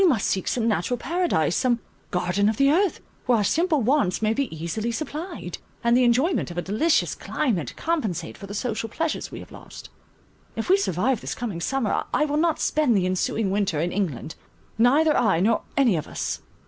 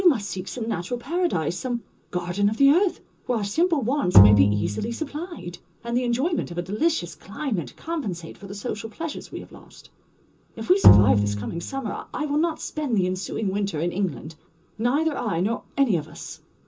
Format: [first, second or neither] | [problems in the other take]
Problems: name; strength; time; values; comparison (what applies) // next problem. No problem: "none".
first | background sound (Bowed string instrument); 5 dB above the speech // room echo; dies away in 0.2 s